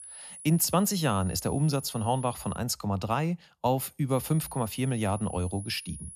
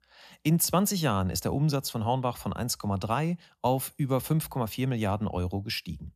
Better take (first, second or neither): second